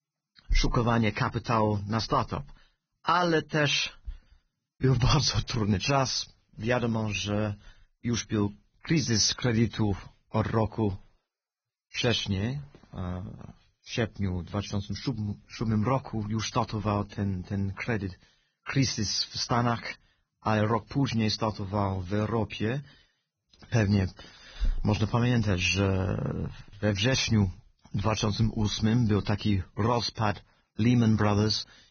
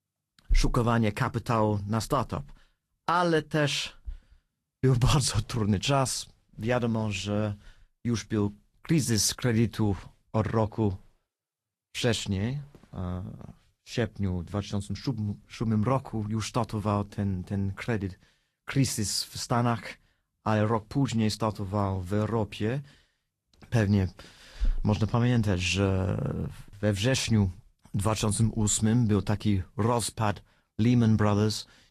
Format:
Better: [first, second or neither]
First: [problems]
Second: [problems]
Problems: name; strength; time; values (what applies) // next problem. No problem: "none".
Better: second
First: garbled, watery; badly; nothing above 6.5 kHz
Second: garbled, watery; slightly; nothing above 12.5 kHz